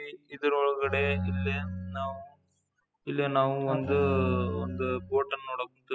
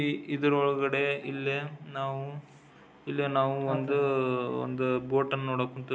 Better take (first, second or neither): second